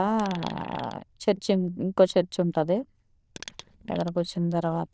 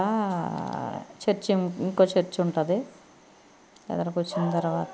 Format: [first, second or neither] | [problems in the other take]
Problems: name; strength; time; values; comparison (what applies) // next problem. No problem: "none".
second | noise reduction (neural diffusion model UNIVERSE++)